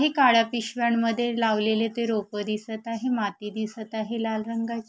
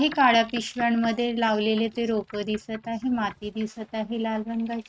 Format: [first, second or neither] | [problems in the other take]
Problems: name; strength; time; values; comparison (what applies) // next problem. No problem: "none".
first | noise reduction (neural mask model RNNoise)